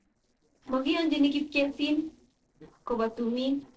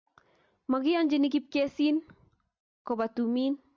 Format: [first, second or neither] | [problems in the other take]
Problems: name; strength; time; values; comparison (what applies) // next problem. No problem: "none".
second | noise reduction (neural separator model SepFormer DNS4)